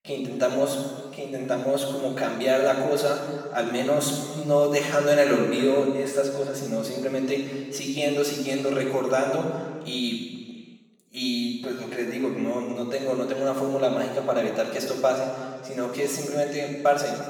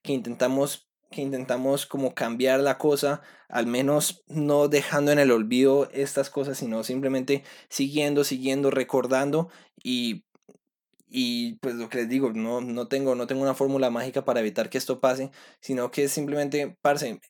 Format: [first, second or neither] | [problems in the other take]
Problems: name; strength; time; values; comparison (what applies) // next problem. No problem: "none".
second | room echo; noticeable; dies away in 1.6 s // off-mic speech; far